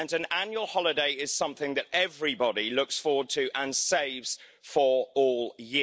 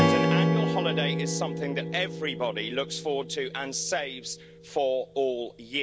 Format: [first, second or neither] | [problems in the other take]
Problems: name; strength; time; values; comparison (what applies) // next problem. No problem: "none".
first | background sound (Strum); 1 dB above the speech